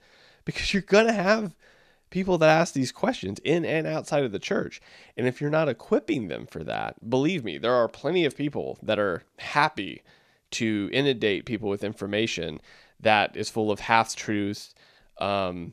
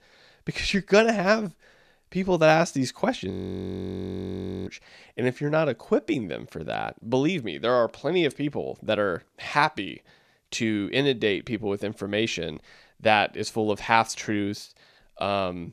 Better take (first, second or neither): first